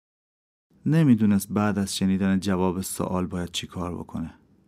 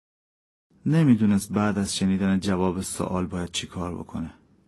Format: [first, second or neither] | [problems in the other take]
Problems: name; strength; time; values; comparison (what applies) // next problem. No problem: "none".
first | garbled, watery; slightly; nothing above 11.5 kHz